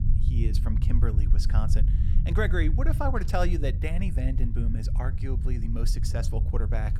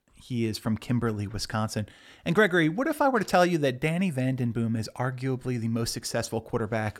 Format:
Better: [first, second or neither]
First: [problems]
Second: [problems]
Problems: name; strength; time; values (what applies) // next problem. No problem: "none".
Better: second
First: low rumble; loud; throughout; 9 dB below the speech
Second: none